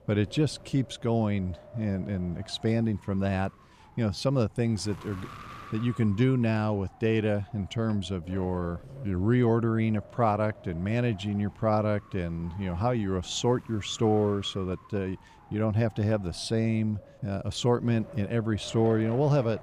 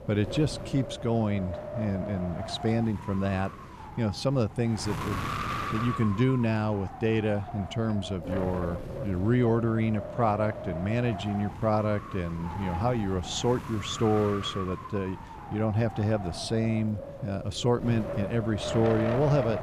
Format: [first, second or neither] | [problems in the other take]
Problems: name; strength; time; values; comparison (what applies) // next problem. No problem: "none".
first | wind noise on the microphone; heavy; 5 dB below the speech; occasional gusts in the first